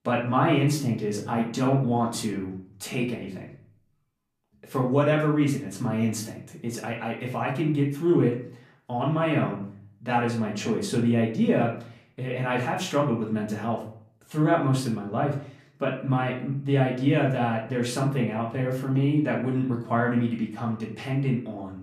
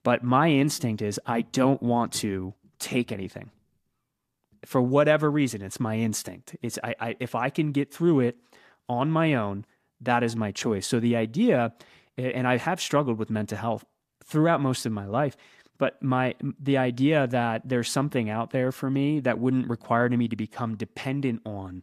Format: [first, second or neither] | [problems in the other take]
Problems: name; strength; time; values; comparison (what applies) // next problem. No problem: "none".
second | off-mic speech; far // room echo; slight; dies away in 0.4 s